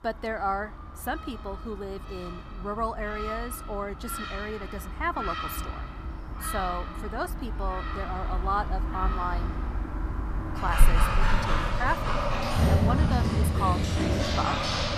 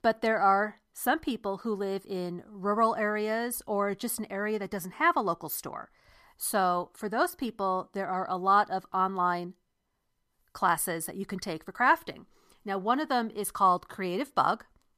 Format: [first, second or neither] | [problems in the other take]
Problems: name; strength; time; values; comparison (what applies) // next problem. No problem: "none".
second | animal sounds; very loud; throughout; 4 dB above the speech